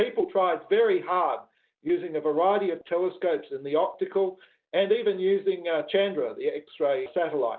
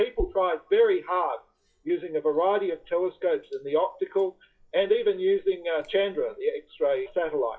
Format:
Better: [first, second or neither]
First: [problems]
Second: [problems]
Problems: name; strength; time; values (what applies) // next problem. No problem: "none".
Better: first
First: none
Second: noise reduction (classical method WPE with log-MMSE)